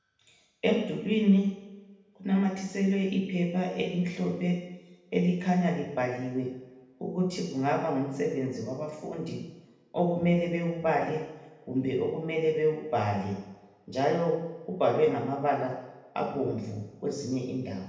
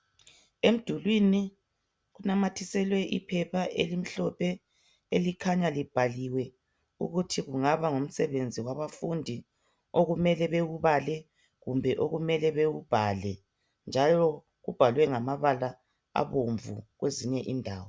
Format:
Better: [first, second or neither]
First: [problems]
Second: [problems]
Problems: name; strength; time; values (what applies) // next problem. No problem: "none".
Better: second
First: room echo; dies away in 0.9 s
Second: none